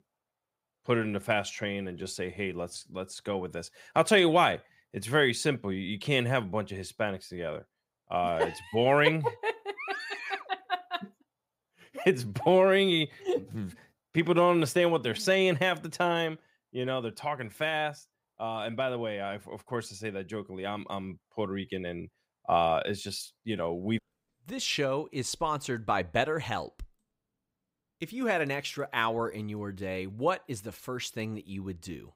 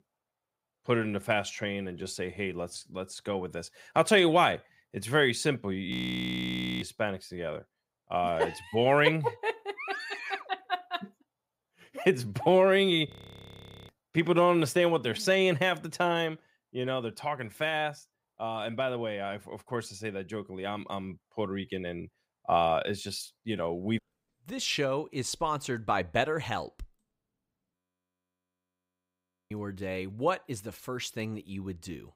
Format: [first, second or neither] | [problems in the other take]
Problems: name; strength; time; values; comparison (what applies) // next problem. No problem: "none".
first | audio freezing; at 6 s for 1 s, at 13 s for 1 s and at 28 s for 2 s